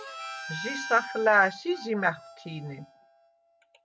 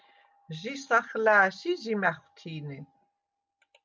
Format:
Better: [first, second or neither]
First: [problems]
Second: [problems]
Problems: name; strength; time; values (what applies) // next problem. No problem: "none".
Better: second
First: background sound (Harmonica); 12 dB below the speech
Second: none